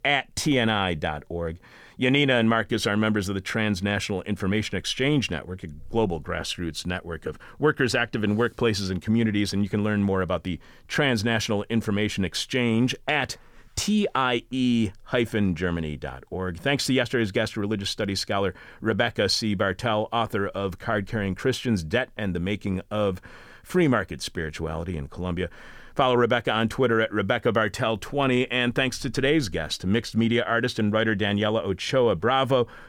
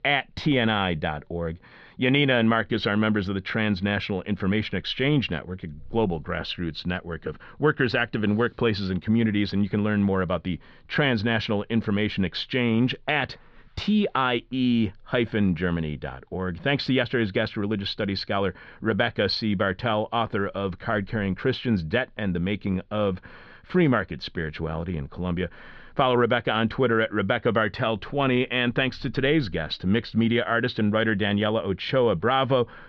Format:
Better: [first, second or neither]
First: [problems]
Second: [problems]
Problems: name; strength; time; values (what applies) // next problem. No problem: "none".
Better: first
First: none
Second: muffled; very slightly; fading above 4 kHz